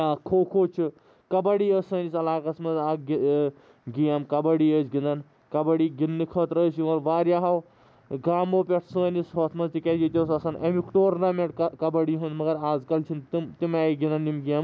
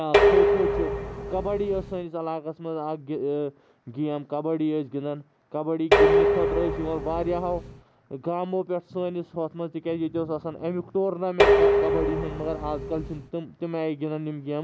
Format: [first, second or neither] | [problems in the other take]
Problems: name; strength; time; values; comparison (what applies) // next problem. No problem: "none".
first | background sound (Dishes, pots, and pans); 5 dB above the speech